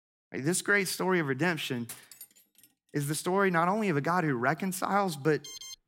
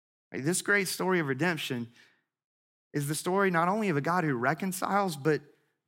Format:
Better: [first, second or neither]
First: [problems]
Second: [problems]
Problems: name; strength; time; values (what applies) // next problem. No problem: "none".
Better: second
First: clattering dishes; faint; at 2 s; peak 15 dB below the speech // alarm; faint; at 5.5 s; peak 15 dB below the speech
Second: none